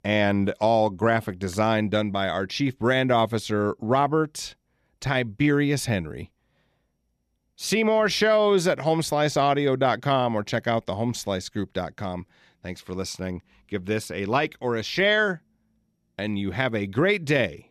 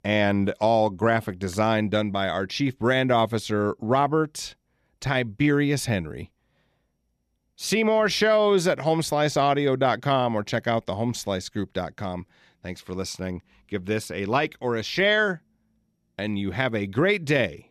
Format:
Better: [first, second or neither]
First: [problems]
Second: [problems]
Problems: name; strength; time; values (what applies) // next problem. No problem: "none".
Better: neither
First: none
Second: none